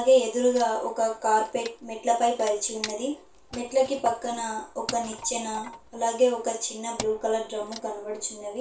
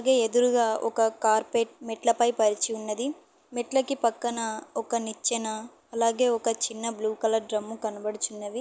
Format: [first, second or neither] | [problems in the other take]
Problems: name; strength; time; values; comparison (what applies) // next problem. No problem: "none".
second | background sound (Wood); 17 dB below the speech // room echo; dies away in 0.3 s